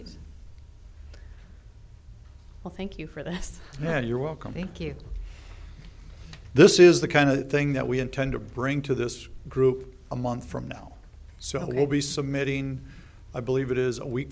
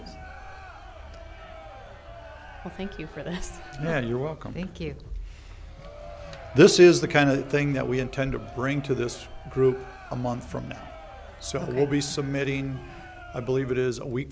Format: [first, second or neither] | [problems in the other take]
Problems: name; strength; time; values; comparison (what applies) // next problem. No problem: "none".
first | background sound (Crowd); 19 dB below the speech